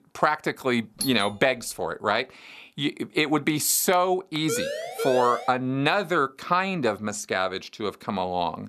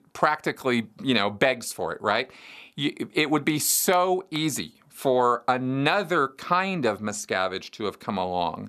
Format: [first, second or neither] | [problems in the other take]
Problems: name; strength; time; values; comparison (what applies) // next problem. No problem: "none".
second | doorbell; noticeable; at 1 s; peak 6 dB below the speech // siren; noticeable; from 4.5 to 5.5 s; peak 5 dB below the speech